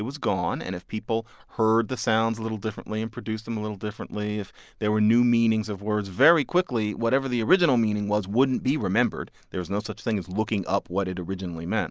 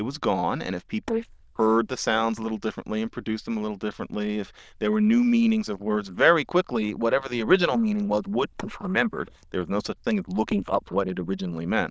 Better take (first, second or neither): first